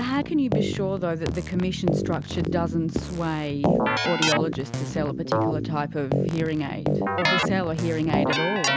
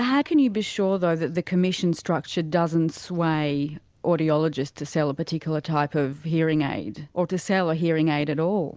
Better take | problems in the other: second | background sound (Keyboard (musical)); 1 dB above the speech

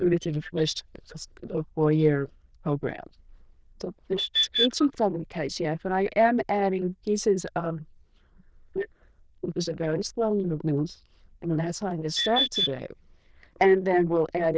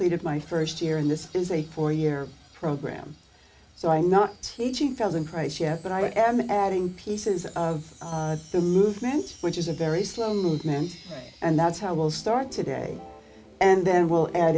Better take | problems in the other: second | noise reduction (neural diffusion model UNIVERSE++)

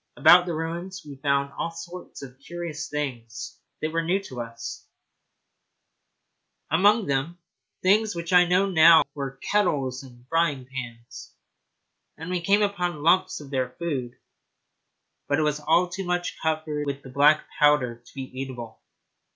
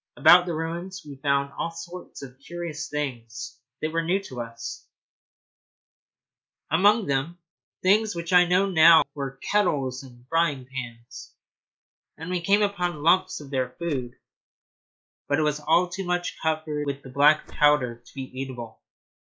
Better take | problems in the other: first | noise reduction (neural mask model Resemble Enhance denoiser)

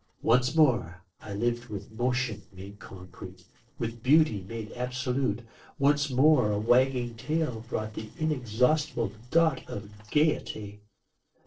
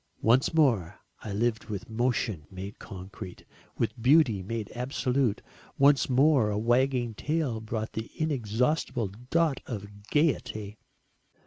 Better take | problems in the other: second | noise reduction (neural separator model SepFormer DNS4)

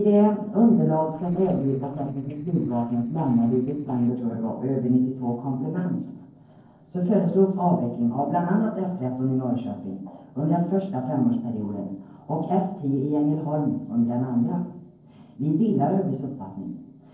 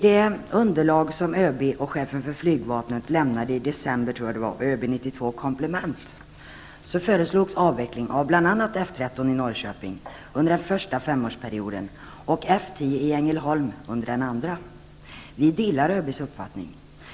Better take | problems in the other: second | noise reduction (neural separator model SepFormer DNS4)

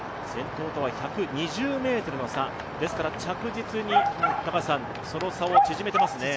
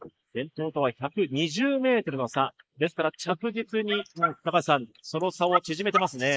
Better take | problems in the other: first | noise reduction (neural mask model Resemble Enhance denoiser)

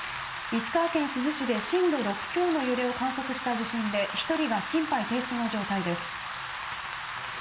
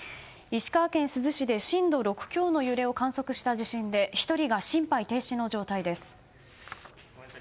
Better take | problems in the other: second | background sound (Rain); 6 dB below the speech // room echo; dies away in 1.2 s

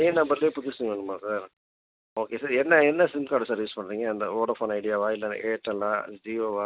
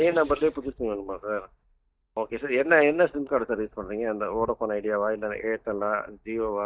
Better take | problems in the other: first | noise reduction (neural mask model DeepFilterNet 3)

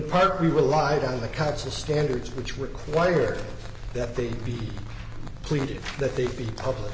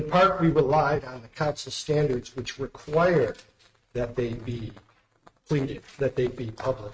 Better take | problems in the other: first | noise reduction (neural mask model RNNoise)

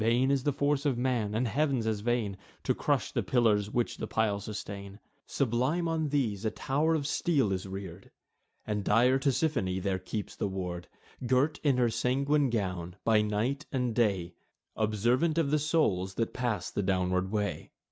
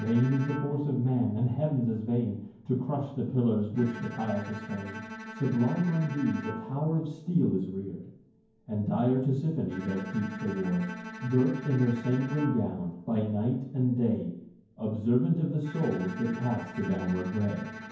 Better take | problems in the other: first | background sound (Bowed string instrument); 15 dB below the speech // room echo; dies away in 0.9 s

